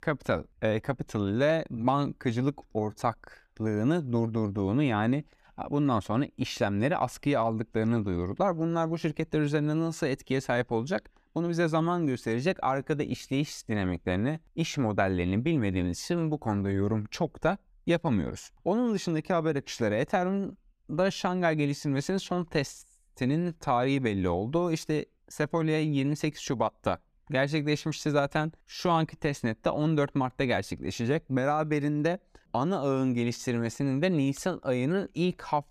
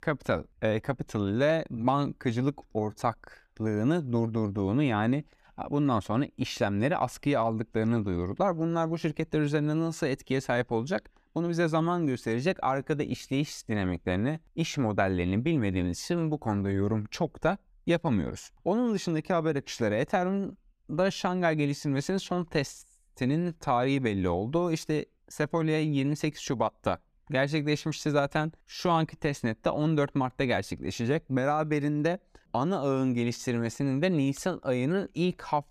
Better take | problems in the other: neither | none

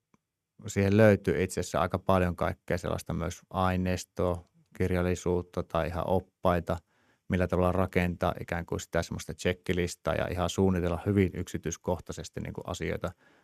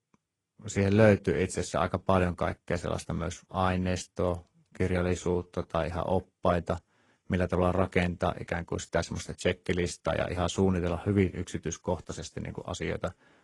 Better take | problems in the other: first | garbled, watery; slightly; nothing above 10 kHz

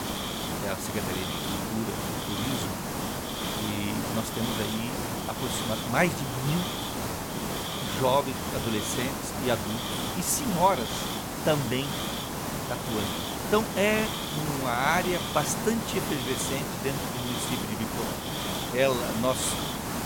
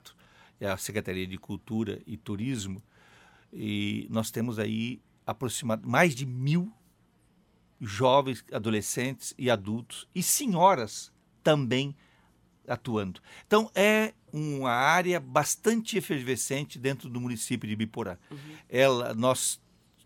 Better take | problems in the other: second | hiss; loud; throughout; 1 dB below the speech

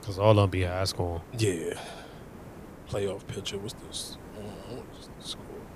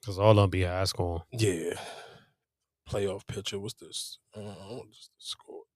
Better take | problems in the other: second | hiss; noticeable; throughout; 15 dB below the speech

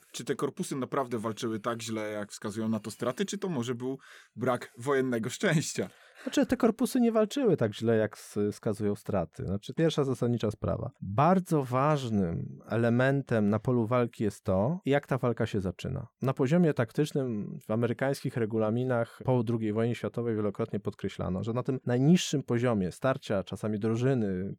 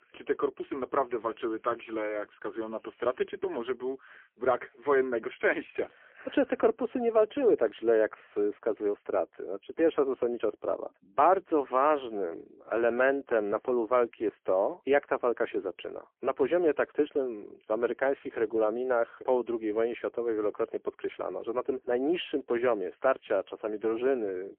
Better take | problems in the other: first | phone-call audio; poor line; nothing above 3.5 kHz

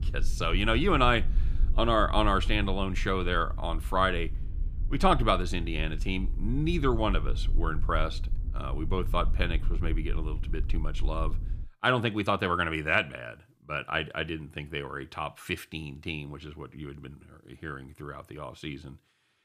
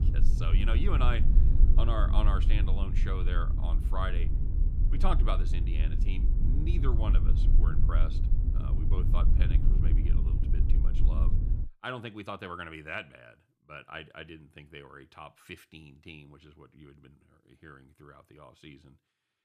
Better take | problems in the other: first | low rumble; loud; until 12 s; 7 dB below the speech; faint in the first

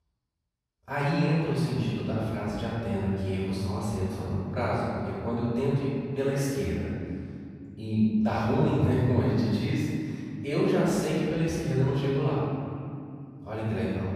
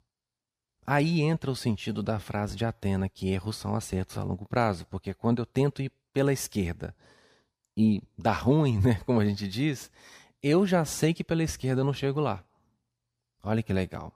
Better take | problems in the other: second | off-mic speech; far // room echo; strong; dies away in 2.5 s

